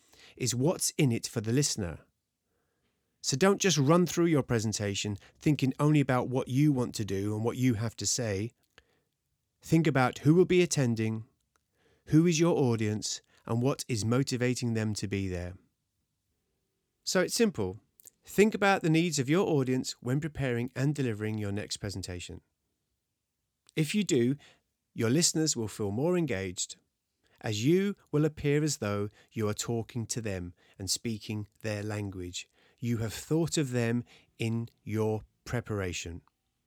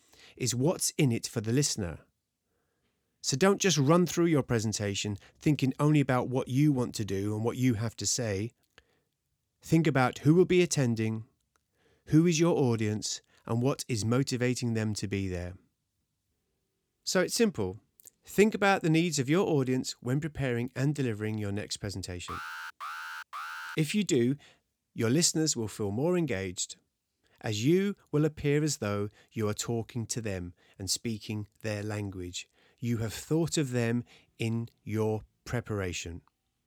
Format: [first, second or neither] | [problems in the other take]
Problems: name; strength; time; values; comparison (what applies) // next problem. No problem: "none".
first | alarm; noticeable; from 22 to 24 s; peak 9 dB below the speech